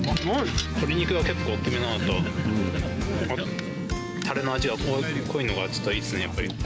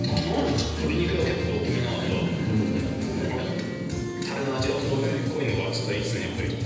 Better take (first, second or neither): first